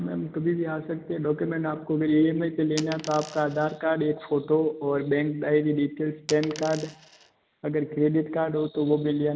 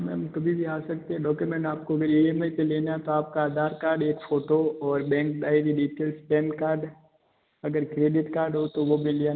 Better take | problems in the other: second | background sound (Coin (dropping)); 15 dB below the speech

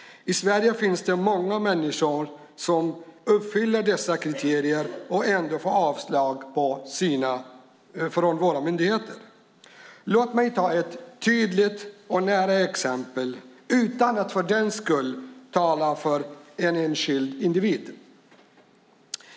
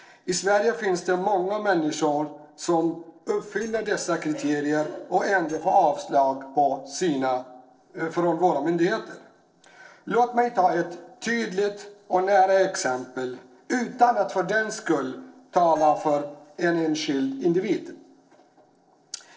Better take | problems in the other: first | noise reduction (neural separator model SepFormer DNS4)

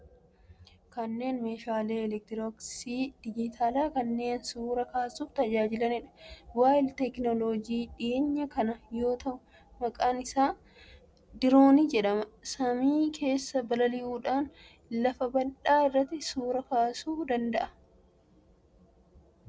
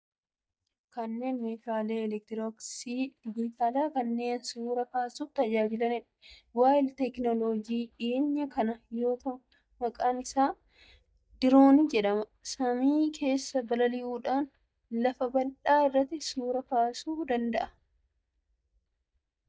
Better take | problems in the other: first | noise reduction (neural mask model DeepFilterNet 3)

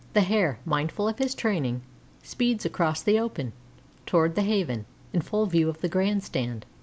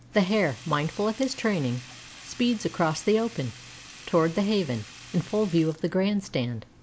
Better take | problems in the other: first | background sound (Sink (filling or washing)); 20 dB below the speech

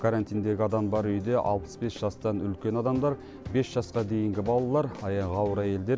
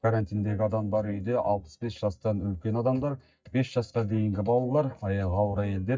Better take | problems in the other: first | noise reduction (neural mask model DeepFilterNet 3)

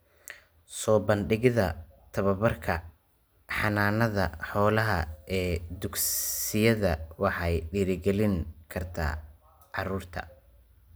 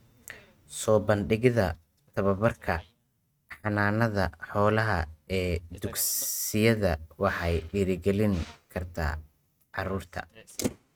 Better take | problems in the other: first | noise reduction (neural mask model RNNoise)

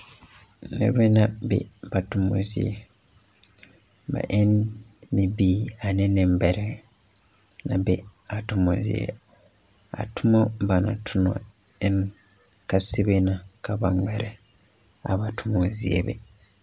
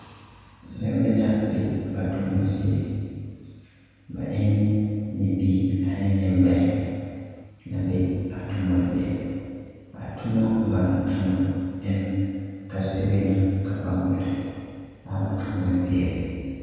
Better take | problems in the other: first | room echo; dies away in 2.1 s

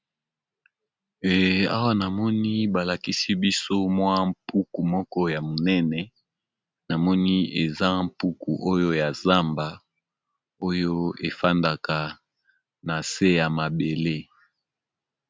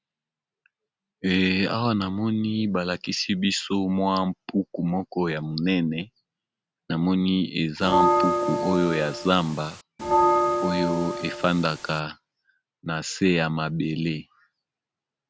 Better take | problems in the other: first | background sound (Bell); 1 dB above the speech

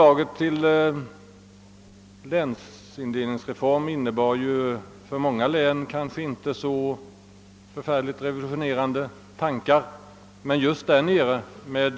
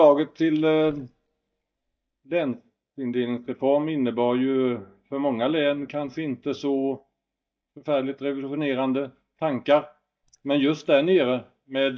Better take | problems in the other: first | noise reduction (neural mask model DeepFilterNet 3)

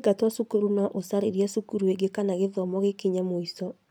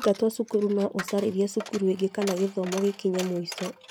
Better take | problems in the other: first | background sound (Coin (dropping)); 14 dB below the speech

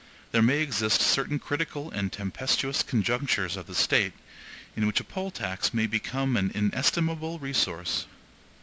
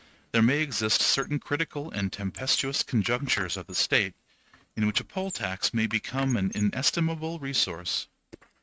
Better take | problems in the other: first | noise reduction (neural mask model RNNoise)

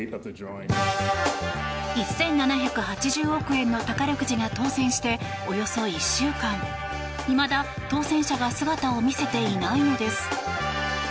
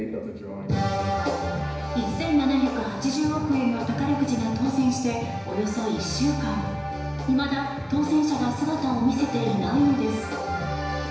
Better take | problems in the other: first | room echo; dies away in 1 s

